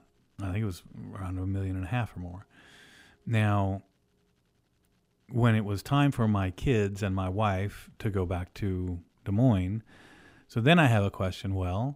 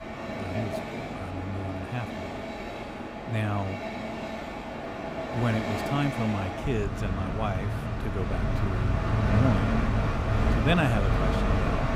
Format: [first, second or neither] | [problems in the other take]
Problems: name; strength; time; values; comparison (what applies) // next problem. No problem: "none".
first | train or aircraft noise; very loud; throughout; 1 dB above the speech